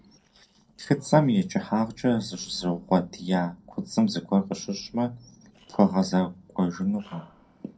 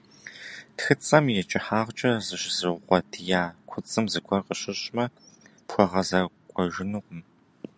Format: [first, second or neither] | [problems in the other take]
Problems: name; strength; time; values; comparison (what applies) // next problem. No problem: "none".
second | noise reduction (neural separator model SepFormer DNS4)